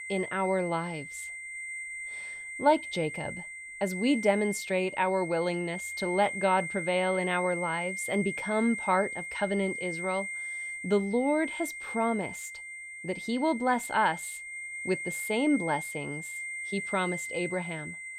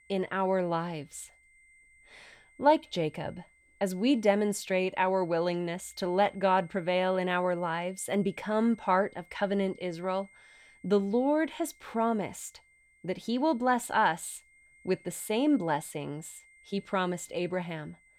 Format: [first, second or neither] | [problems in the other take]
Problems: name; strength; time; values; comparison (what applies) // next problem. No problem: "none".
second | high-pitched whine; loud; throughout; 2 kHz, 6 dB below the speech; faint in the second